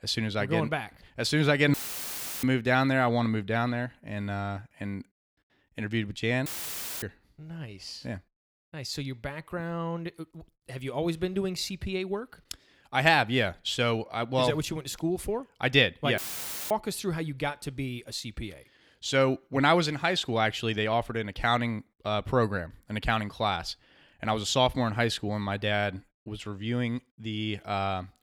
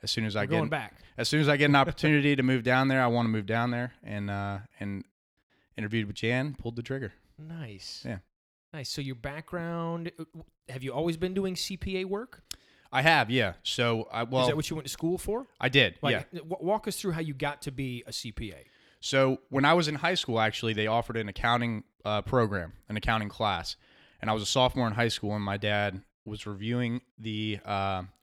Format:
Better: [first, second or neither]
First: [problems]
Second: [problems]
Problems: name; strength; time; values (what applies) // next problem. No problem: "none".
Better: second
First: audio cutting out; filled with static; at 1.5 s for 0.5 s, at 6.5 s for 0.5 s and at 16 s for 0.5 s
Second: none